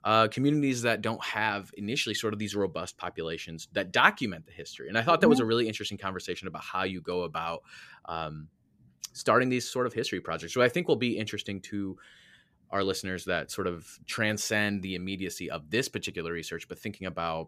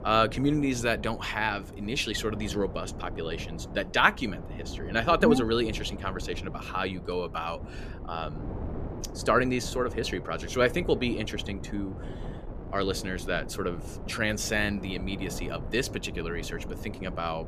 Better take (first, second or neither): first